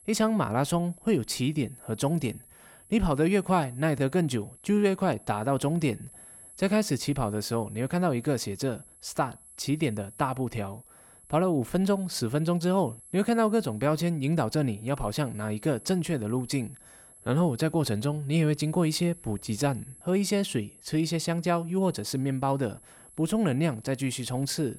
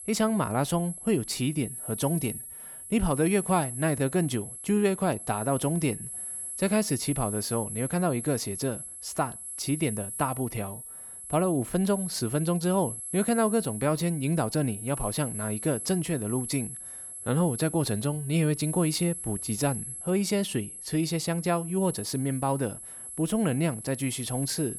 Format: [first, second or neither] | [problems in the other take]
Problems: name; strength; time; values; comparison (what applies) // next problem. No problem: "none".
first | high-pitched whine; loud; throughout; 11 kHz, 8 dB below the speech; faint in the first